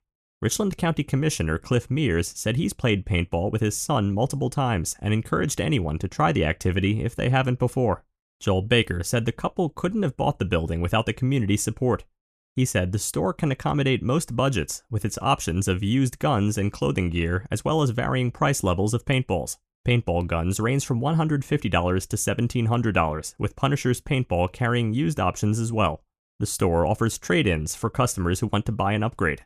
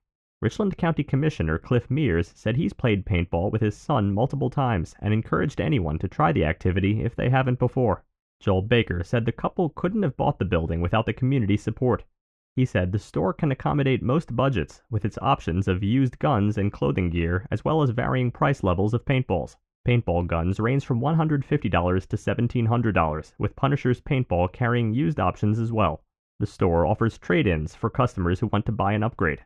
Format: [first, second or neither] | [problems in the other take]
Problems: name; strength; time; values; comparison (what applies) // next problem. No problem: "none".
first | muffled; very; fading above 2.5 kHz